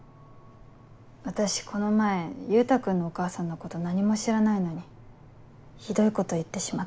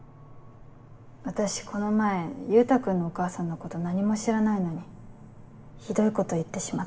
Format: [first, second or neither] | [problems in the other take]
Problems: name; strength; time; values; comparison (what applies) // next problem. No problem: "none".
first | room echo; dies away in 1.9 s